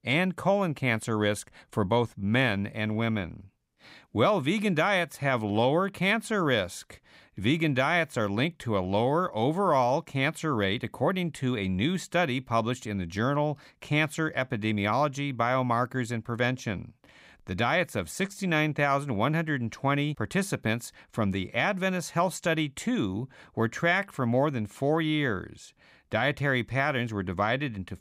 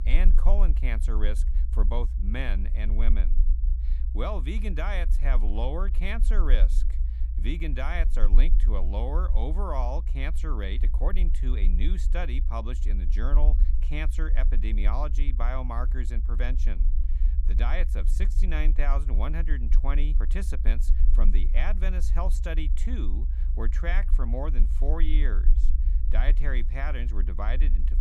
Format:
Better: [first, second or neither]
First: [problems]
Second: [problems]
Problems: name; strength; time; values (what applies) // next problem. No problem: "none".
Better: first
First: none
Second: low rumble; noticeable; throughout; 15 dB below the speech